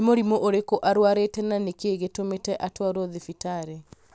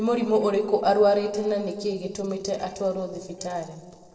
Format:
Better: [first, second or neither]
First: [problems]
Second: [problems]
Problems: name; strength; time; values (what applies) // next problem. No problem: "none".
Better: first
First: none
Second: noise reduction (neural separator model SepFormer DNS4)